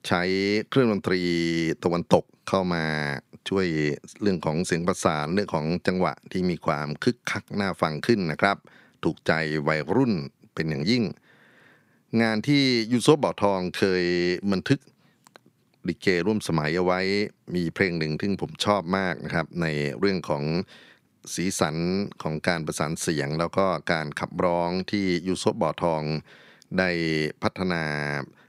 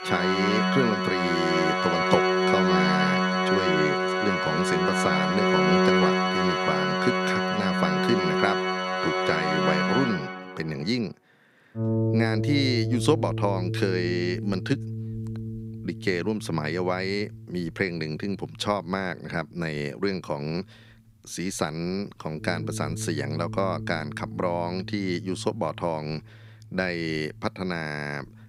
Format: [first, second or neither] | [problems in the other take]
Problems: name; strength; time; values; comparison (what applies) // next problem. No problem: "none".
first | background music; very loud; throughout; 3 dB above the speech